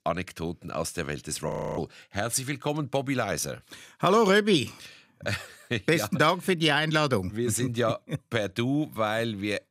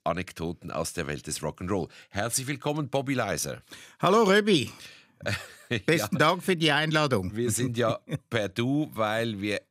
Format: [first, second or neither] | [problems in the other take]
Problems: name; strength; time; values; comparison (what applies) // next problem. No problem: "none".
second | audio freezing; at 1.5 s